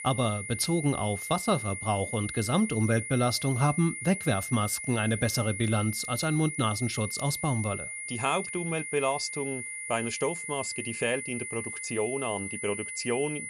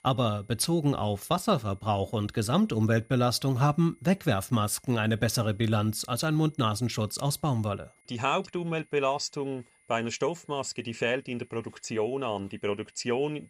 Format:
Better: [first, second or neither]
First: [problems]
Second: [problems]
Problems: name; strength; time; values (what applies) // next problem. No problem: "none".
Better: second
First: high-pitched whine; loud; throughout; 2 kHz, 6 dB below the speech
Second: high-pitched whine; faint; throughout; 2 kHz, 35 dB below the speech